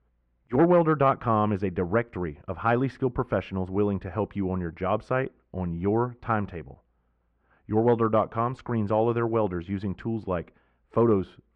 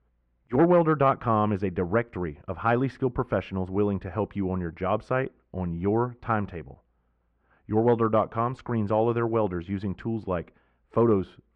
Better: neither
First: muffled; very; fading above 1.5 kHz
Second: muffled; very; fading above 1.5 kHz

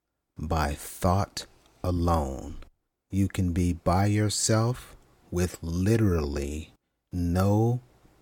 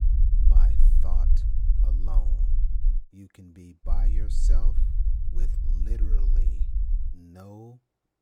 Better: first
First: none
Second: low rumble; loud; until 3 s and from 4 to 7 s; as loud as the speech

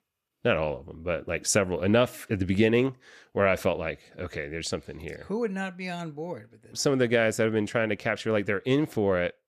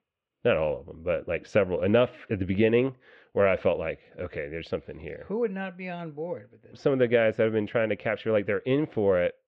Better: first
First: none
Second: muffled; very; fading above 3 kHz

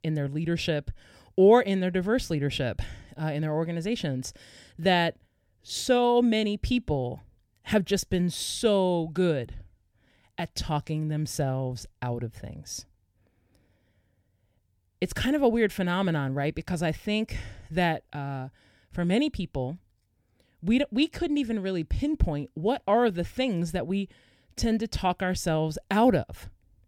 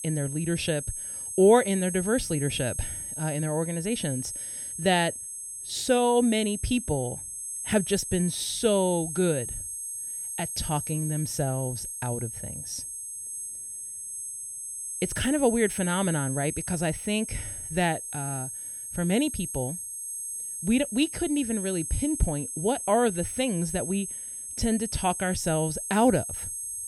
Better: first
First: none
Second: high-pitched whine; loud; throughout; 8 kHz, 6 dB below the speech

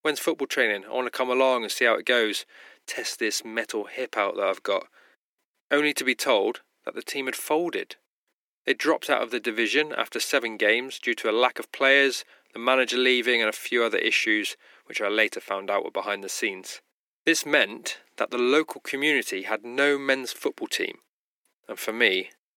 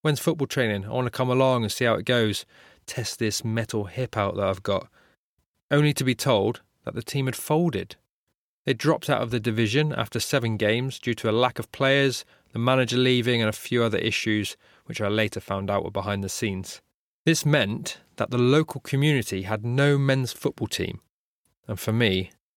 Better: second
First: thin; somewhat; fading below 300 Hz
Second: none

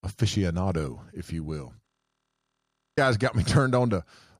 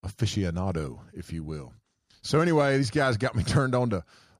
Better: second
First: audio freezing; at 2 s for 1 s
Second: none

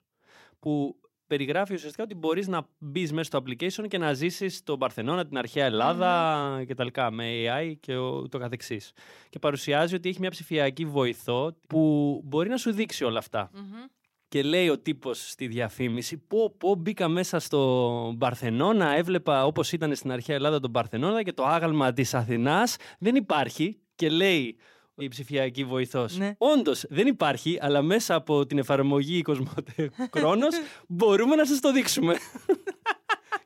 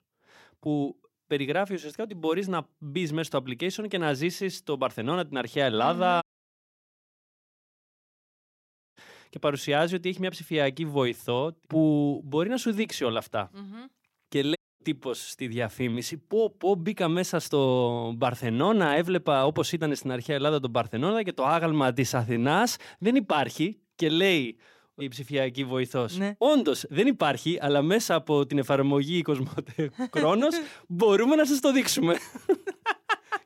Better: first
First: none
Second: audio cutting out; at 6 s for 2.5 s and at 15 s

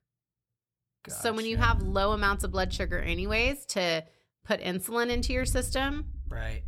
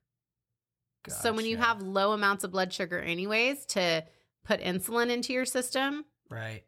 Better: second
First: low rumble; faint; from 1.5 to 3.5 s and from 5 s on; 25 dB below the speech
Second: none

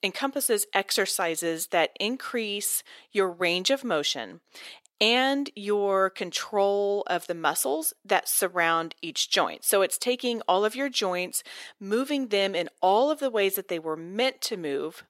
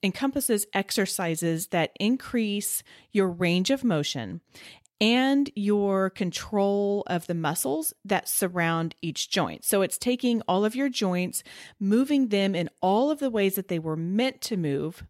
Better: second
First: thin; somewhat; fading below 450 Hz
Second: none

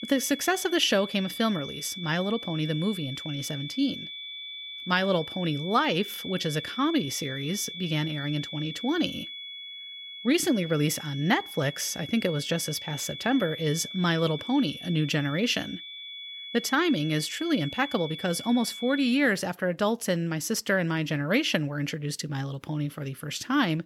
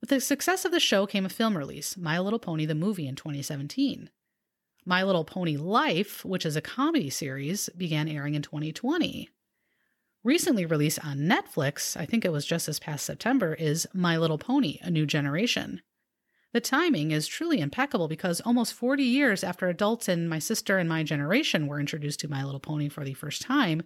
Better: second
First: high-pitched whine; loud; until 19 s; 3.5 kHz, 10 dB below the speech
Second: none

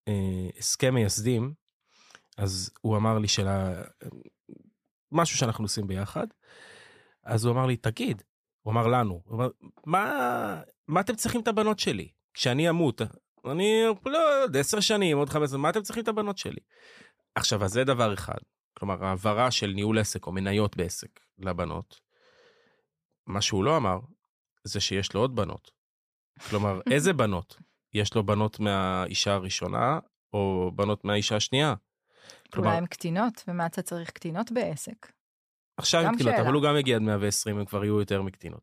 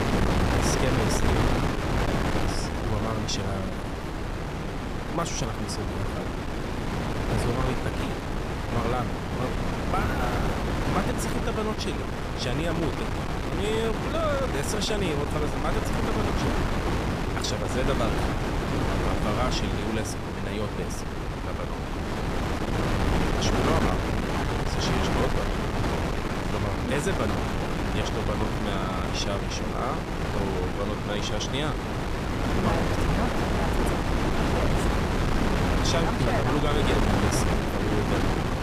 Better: first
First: none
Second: wind noise on the microphone; heavy; 3 dB above the speech

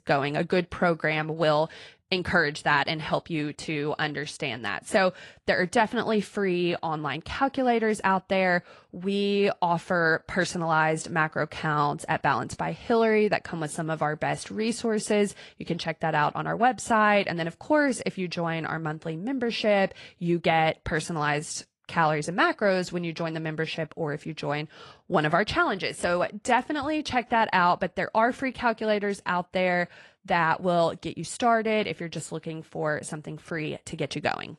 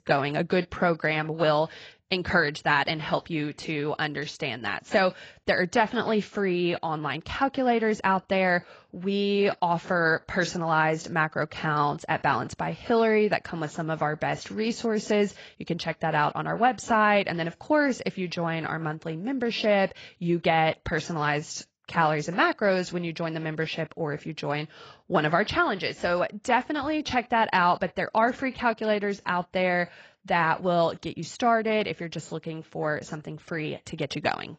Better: first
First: garbled, watery; slightly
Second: garbled, watery; badly; nothing above 7.5 kHz

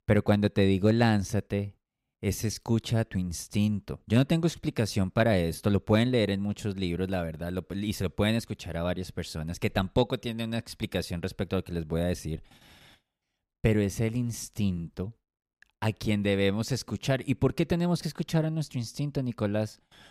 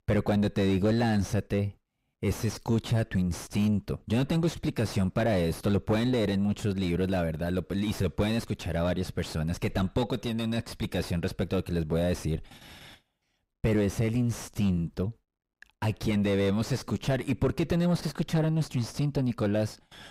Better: first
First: none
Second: distortion; heavy; 5 dB below the speech

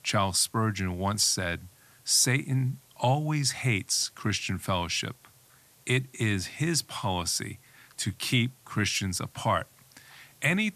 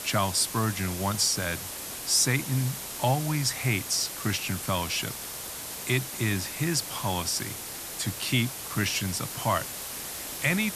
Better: first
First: hiss; faint; throughout; 30 dB below the speech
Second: hiss; loud; throughout; 7 dB below the speech

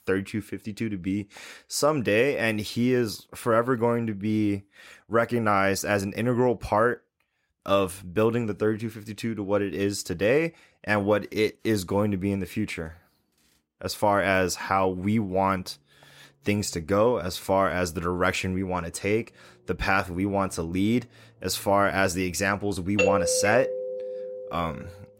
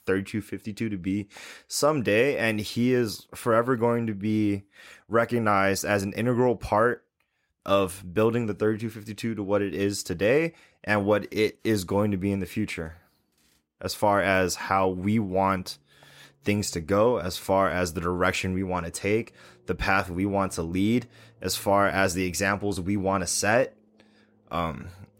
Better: second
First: doorbell; loud; from 23 to 25 s; peak 2 dB above the speech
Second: none

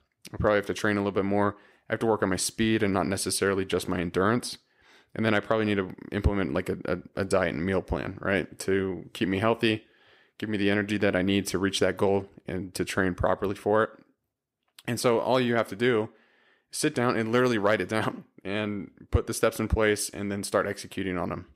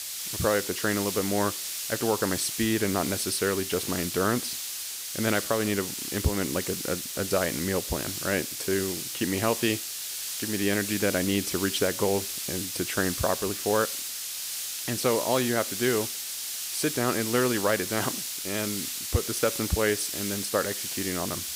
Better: first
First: none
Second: hiss; loud; throughout; 3 dB below the speech

